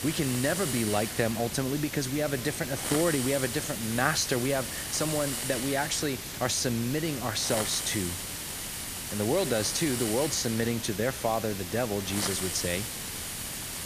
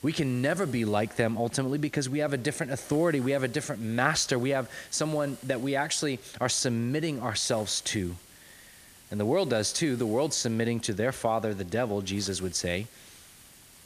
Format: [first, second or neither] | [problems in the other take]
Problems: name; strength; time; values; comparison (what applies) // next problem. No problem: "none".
second | hiss; loud; throughout; 4 dB below the speech; faint in the second